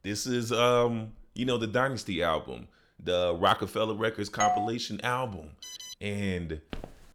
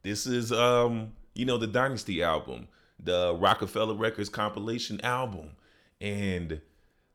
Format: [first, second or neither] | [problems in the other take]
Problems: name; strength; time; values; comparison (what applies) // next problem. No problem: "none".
second | doorbell; loud; at 4.5 s; peak 1 dB above the speech // alarm; faint; at 5.5 s; peak 10 dB below the speech // footsteps; faint; at 6.5 s; peak 15 dB below the speech